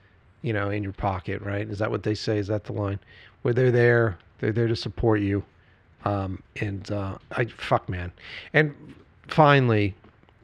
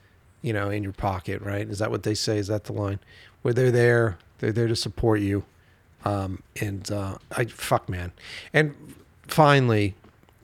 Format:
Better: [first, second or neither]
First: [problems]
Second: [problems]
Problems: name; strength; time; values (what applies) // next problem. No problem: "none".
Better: second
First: muffled; very slightly; fading above 3 kHz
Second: none